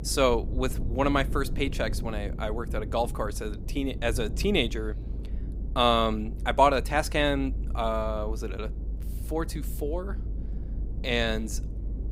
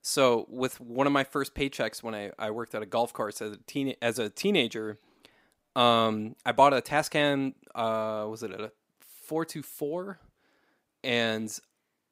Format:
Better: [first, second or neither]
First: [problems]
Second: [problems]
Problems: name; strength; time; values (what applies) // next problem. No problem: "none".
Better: second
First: low rumble; faint; throughout; 20 dB below the speech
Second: none